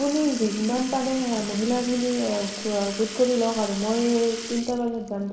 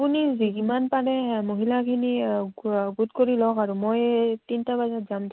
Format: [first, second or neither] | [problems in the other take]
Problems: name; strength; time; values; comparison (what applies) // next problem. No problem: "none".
second | background sound (Sink (filling or washing) / Liquid); 11 dB below the speech // room echo; dies away in 0.9 s